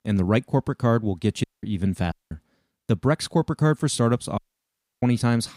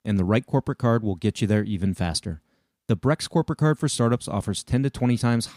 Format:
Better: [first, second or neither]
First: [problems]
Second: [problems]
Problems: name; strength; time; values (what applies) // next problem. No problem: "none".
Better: second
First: audio cutting out; at 1.5 s, at 2 s and at 4.5 s for 0.5 s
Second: none